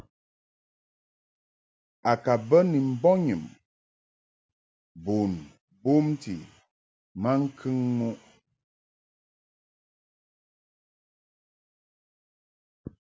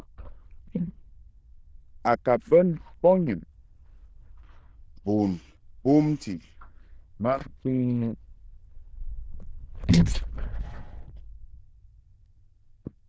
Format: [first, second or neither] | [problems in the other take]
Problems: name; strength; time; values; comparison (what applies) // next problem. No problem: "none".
first | noise reduction (neural diffusion model UNIVERSE++)